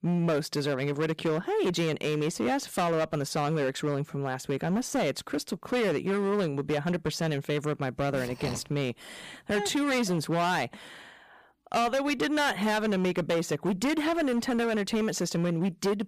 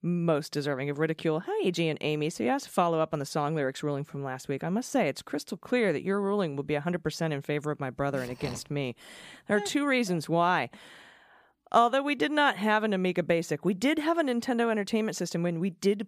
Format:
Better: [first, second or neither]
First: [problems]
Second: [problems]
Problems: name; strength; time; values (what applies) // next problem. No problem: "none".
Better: second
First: distortion; heavy; 15% of the sound clipped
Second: none